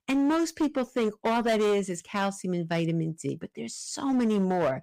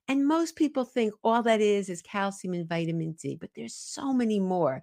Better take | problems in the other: second | distortion; slight; 13% of the sound clipped

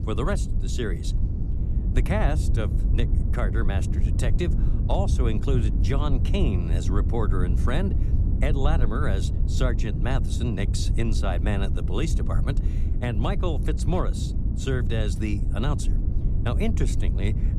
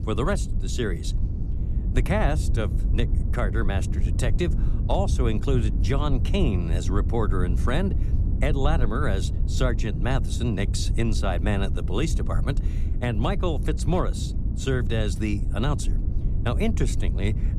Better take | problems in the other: second | wind noise on the microphone; heavy; 8 dB below the speech; occasional gusts in the second

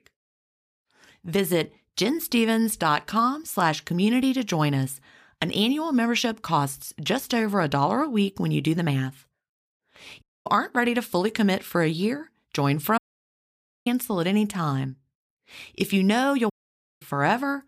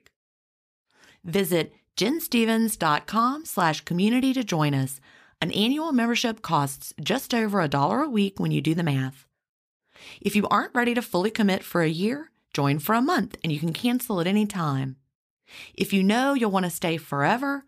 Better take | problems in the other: second | audio cutting out; at 10 s, at 13 s for 1 s and at 17 s for 0.5 s

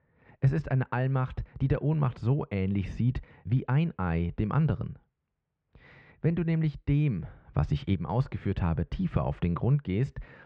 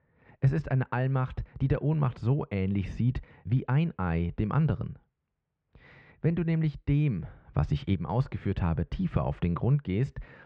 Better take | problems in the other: neither | muffled; very; fading above 2.5 kHz; the same in both

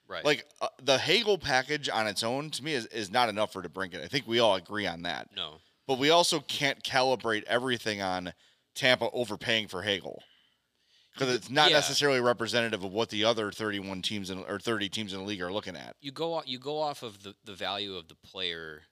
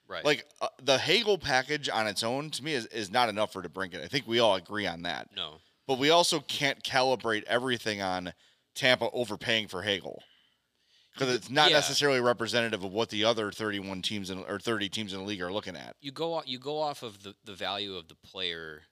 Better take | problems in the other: neither | thin; somewhat; fading below 1 kHz; the same in both

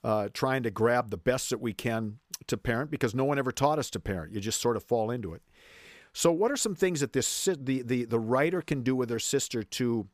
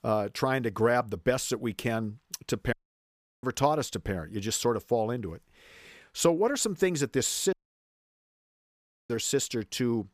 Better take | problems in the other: first | audio cutting out; at 2.5 s for 0.5 s and at 7.5 s for 1.5 s

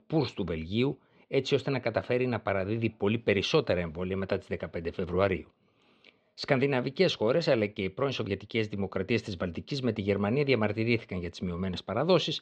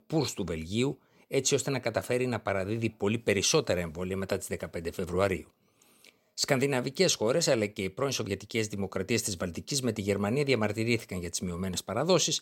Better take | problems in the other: second | muffled; slightly; fading above 3.5 kHz

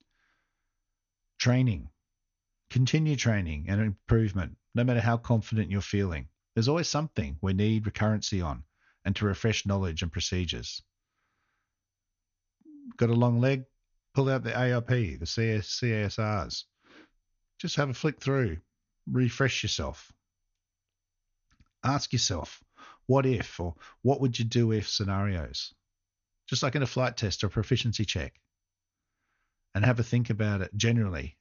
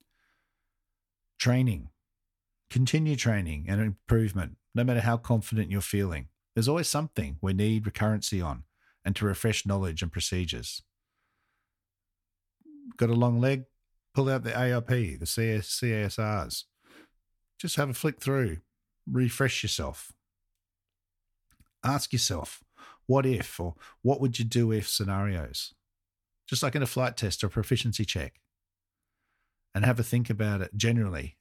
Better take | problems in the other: second | garbled, watery; slightly; nothing above 6.5 kHz

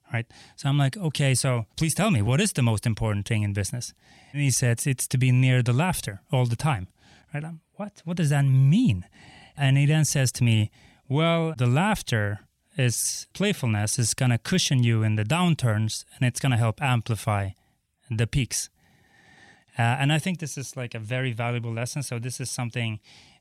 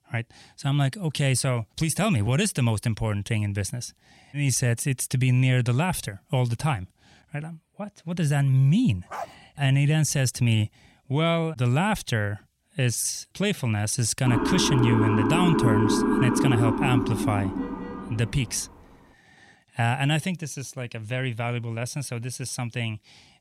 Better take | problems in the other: first | dog barking; faint; at 9 s; peak 10 dB below the speech // siren; loud; from 14 to 18 s; peak 3 dB above the speech

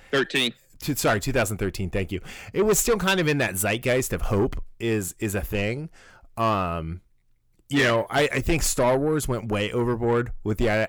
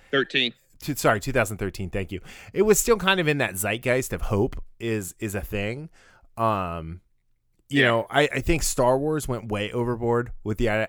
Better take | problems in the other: second | distortion; slight; 10 dB below the speech

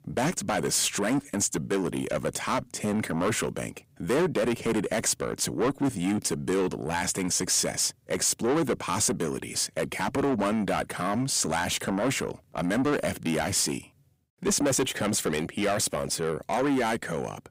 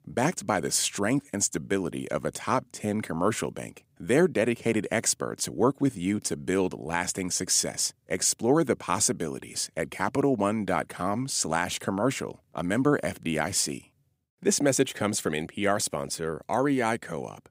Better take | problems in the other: second | distortion; heavy; 7 dB below the speech

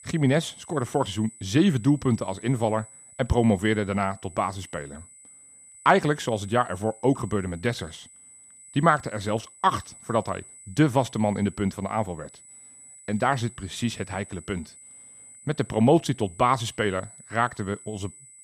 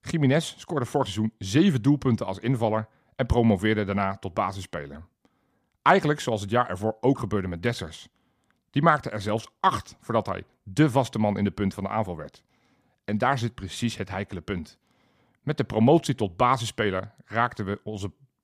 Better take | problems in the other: second | high-pitched whine; noticeable; throughout; 8 kHz, 20 dB below the speech

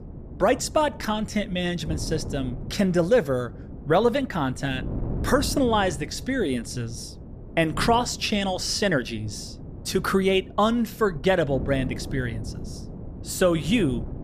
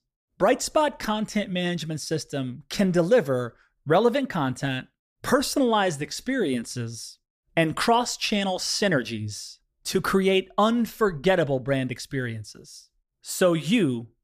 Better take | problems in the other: second | wind noise on the microphone; occasional gusts; 20 dB below the speech

